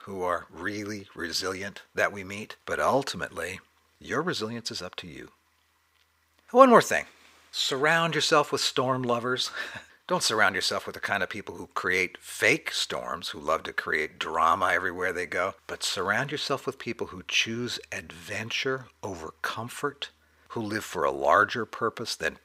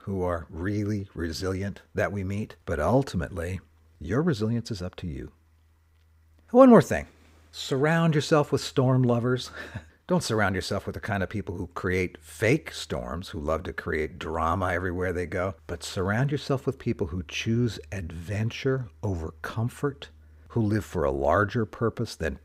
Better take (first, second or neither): second